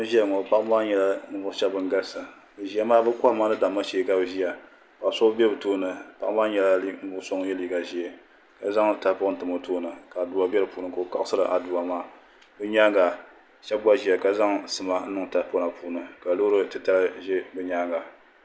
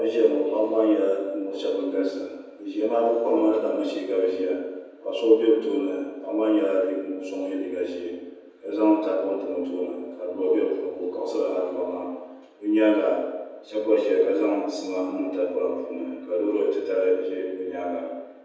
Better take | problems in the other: first | room echo; dies away in 1.1 s

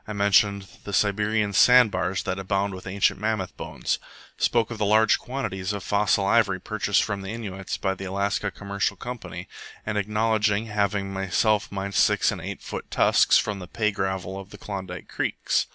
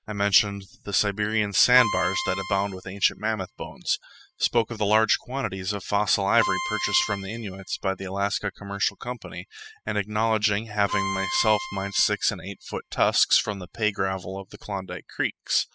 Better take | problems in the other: first | noise reduction (classical method spectral subtraction)

